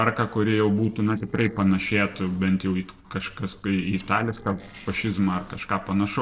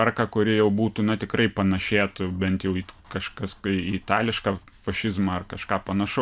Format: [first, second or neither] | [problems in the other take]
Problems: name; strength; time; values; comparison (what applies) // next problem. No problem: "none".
second | noise reduction (neural separator model SepFormer DNS4)